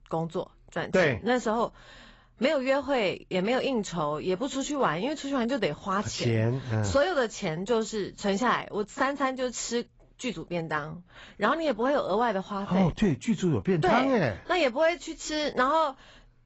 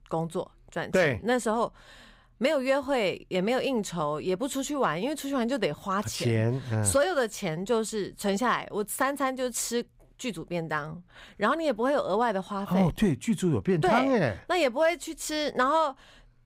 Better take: second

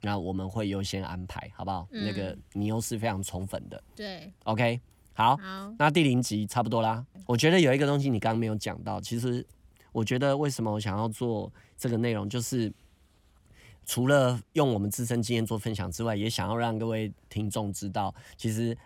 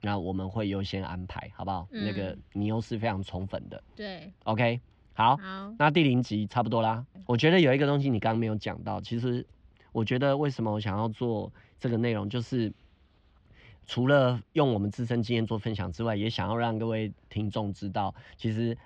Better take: first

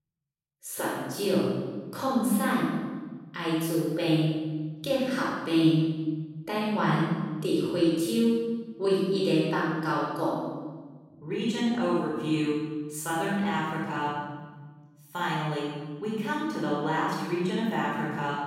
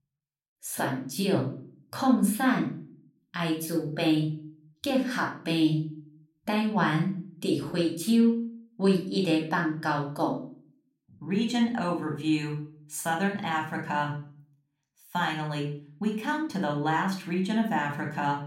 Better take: second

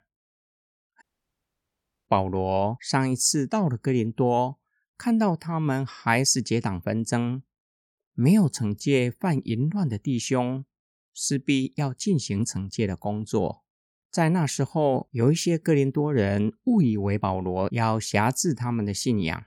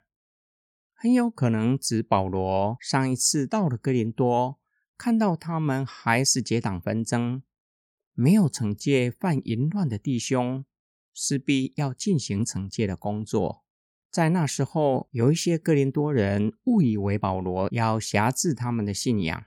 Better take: second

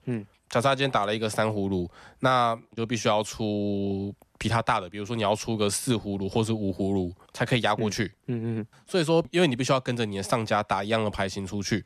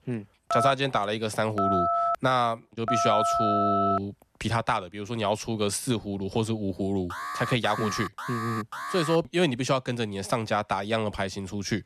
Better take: first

